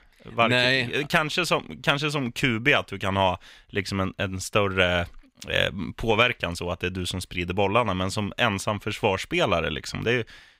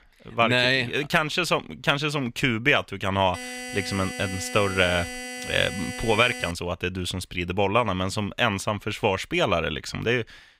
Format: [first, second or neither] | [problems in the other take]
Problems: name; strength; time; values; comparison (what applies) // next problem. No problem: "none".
first | alarm; noticeable; from 3.5 to 6.5 s; peak 9 dB below the speech